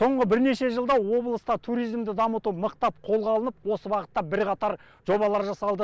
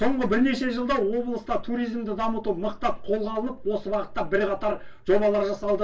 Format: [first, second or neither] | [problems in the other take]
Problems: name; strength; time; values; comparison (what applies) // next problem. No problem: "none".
first | room echo; dies away in 0.2 s